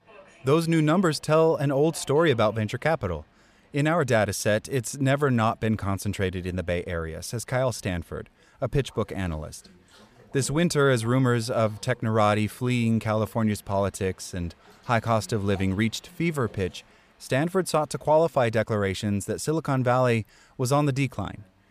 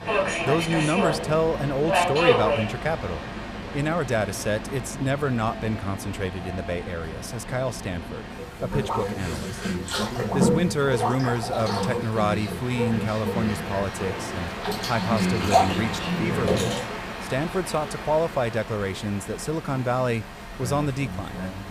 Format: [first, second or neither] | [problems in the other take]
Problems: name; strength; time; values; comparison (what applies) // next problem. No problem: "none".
first | train or aircraft noise; loud; throughout; 1 dB below the speech; faint in the first